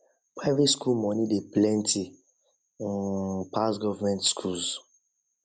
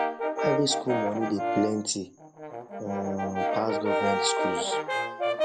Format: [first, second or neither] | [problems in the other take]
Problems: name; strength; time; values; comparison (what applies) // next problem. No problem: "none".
first | background sound (Brass instrument); 2 dB above the speech